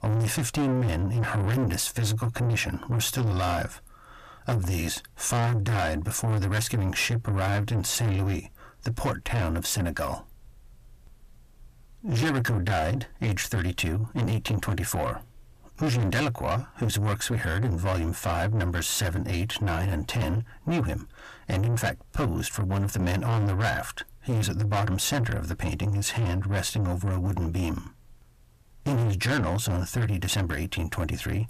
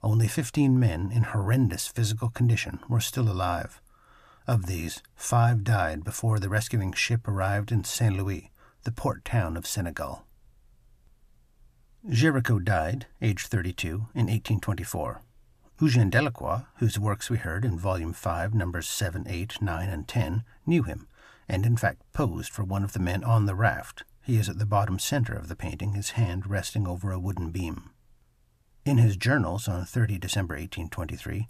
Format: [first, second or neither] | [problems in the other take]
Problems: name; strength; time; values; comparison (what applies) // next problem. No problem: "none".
second | distortion; heavy; 6 dB below the speech